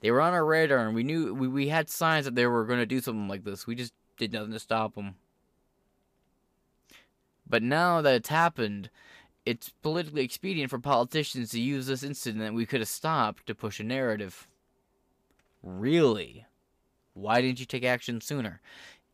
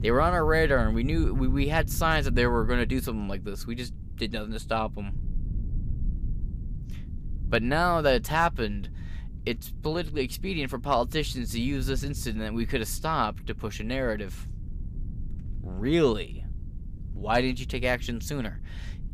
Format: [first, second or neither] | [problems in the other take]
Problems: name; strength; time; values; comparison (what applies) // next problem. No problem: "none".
first | low rumble; faint; throughout; 25 dB below the speech